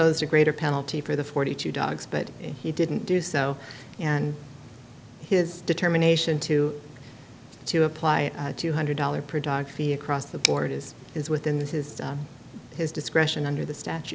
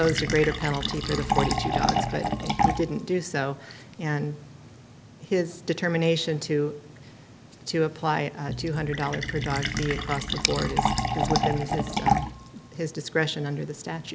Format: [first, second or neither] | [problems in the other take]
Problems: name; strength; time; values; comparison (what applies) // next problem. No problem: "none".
first | background sound (Fill (with liquid)); 2 dB below the speech